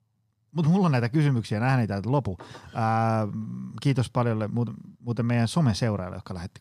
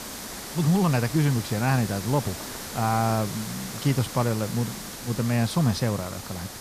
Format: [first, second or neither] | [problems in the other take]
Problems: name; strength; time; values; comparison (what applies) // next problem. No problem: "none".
first | hiss; loud; throughout; 9 dB below the speech